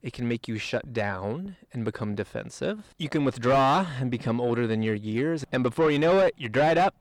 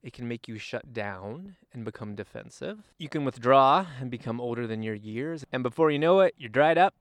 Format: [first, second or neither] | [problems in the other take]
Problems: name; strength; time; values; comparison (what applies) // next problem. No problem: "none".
second | distortion; heavy; 6 dB below the speech